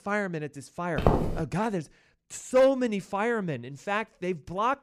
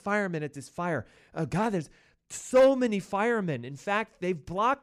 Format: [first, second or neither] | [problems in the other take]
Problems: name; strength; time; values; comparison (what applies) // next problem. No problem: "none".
second | footsteps; loud; at 1 s; peak 3 dB above the speech